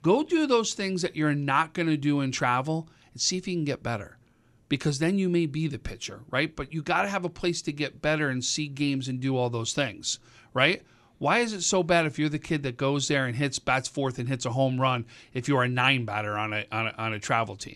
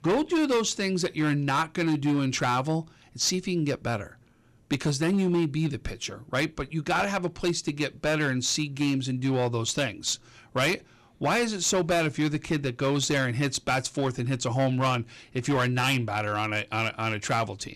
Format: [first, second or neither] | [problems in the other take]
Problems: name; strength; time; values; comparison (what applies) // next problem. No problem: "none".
first | distortion; slight; 9% of the sound clipped